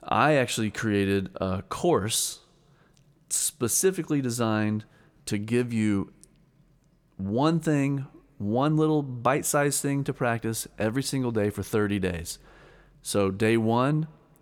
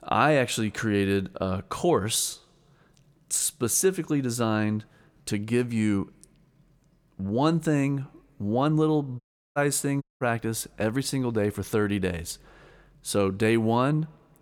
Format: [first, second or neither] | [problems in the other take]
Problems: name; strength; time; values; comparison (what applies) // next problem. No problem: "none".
first | audio cutting out; at 9 s and at 10 s